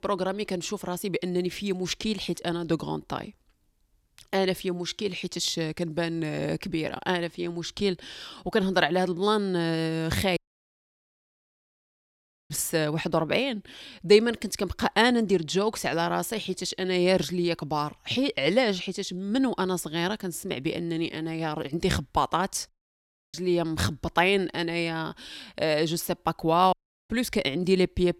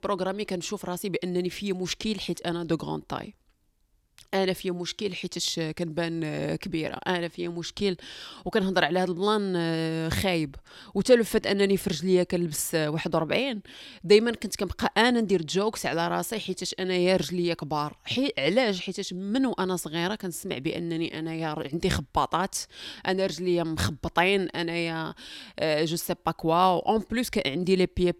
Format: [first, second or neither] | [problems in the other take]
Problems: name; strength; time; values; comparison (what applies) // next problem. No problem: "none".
second | audio cutting out; at 10 s for 2 s, at 23 s for 0.5 s and at 27 s